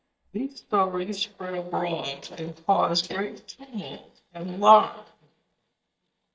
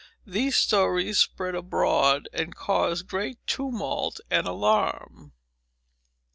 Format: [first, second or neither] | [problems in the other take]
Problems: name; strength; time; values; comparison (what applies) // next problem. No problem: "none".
second | noise reduction (neural mask model DeepFilterNet 3)